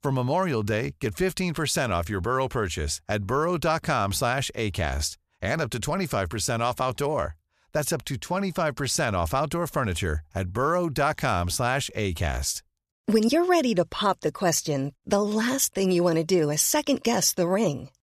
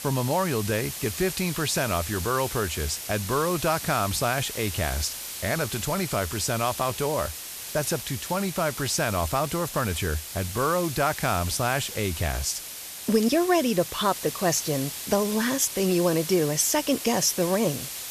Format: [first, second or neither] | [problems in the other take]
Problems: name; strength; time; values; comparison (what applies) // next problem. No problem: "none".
first | hiss; loud; throughout; 7 dB below the speech